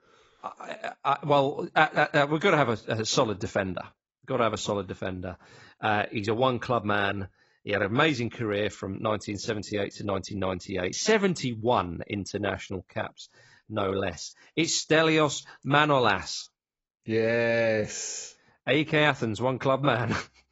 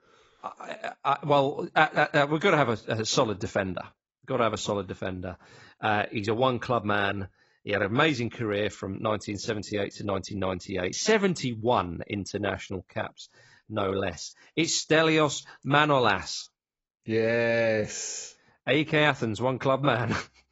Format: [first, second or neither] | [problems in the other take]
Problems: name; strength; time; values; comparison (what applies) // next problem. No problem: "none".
neither | garbled, watery; badly; nothing above 7.5 kHz; the same in both